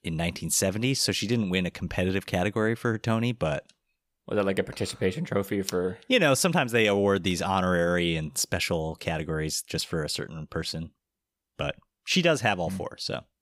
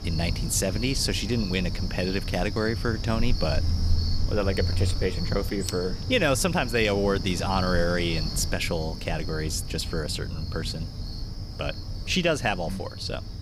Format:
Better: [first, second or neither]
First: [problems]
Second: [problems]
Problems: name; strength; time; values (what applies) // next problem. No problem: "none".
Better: first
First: none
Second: animal sounds; loud; throughout; 4 dB below the speech